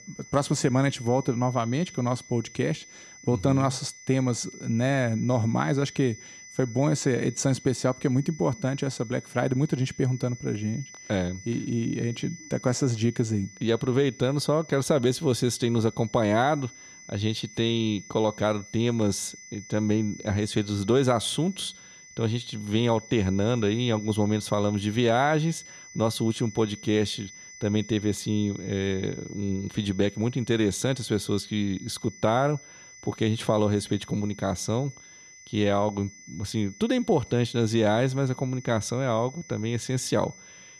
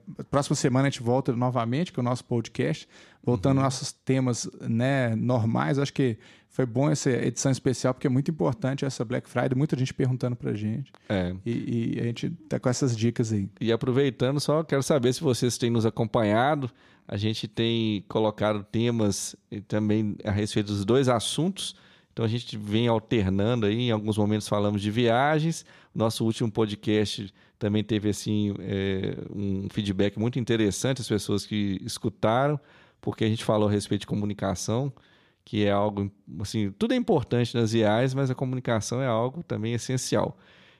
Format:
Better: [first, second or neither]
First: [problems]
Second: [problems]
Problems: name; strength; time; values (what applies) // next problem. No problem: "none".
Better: second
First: high-pitched whine; noticeable; throughout; 6 kHz, 20 dB below the speech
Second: none